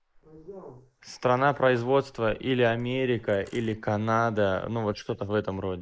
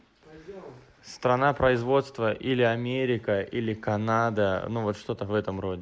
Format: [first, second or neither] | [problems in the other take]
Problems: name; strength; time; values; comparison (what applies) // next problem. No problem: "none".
second | noise reduction (neural mask model Resemble Enhance denoiser)